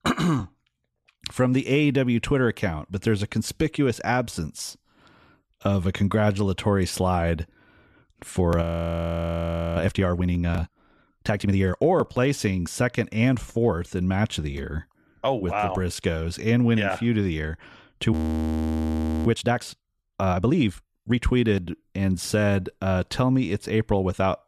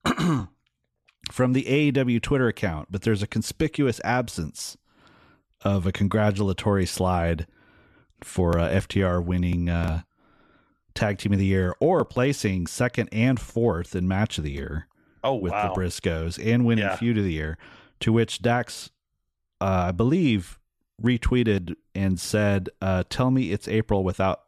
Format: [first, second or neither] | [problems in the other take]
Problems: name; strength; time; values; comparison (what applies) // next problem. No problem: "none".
second | audio freezing; at 8.5 s for 1 s and at 18 s for 1 s